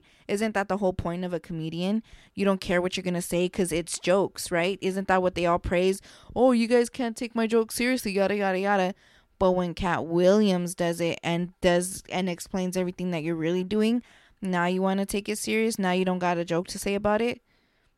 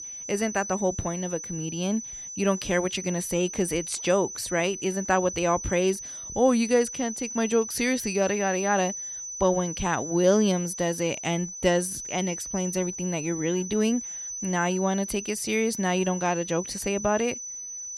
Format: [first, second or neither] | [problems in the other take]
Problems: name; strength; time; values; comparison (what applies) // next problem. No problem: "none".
first | high-pitched whine; loud; throughout; 6 kHz, 8 dB below the speech